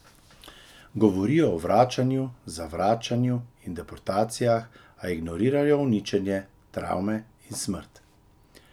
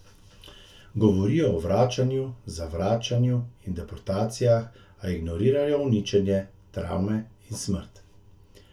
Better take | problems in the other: first | room echo; dies away in 0.2 s

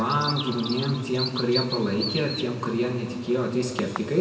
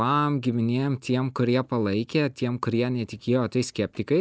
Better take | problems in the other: second | background sound (Bird vocalization, bird call, bird song); 10 dB below the speech // room echo; dies away in 2.3 s

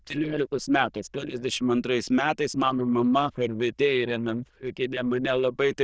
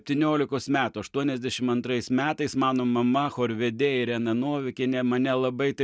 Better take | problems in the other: second | noise reduction (neural diffusion model UNIVERSE++)

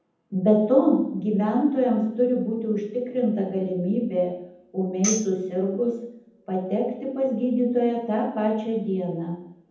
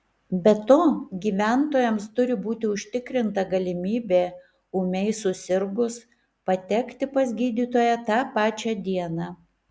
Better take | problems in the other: second | background sound (Tambourine); 10 dB below the speech // room echo; dies away in 0.8 s

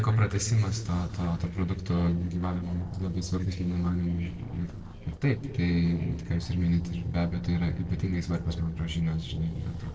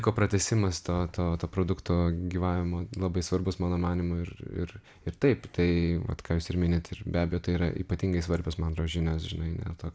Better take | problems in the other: second | noise reduction (neural separator model SepFormer DNS4)

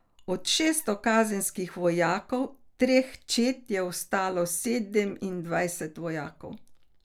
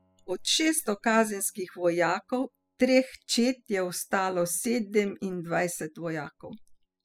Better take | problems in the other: first | noise reduction (classical method spectral subtraction)

